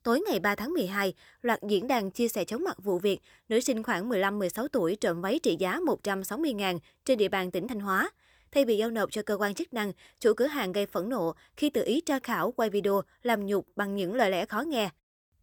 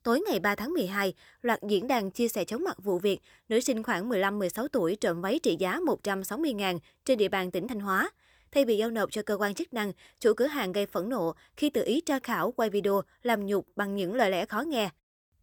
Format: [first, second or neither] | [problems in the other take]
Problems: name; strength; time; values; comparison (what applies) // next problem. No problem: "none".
neither | none